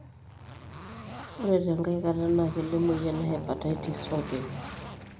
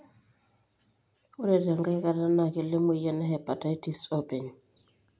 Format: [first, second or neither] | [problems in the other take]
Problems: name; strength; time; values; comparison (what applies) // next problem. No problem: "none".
second | background sound (Aircraft + Zipper (clothing)); 9 dB below the speech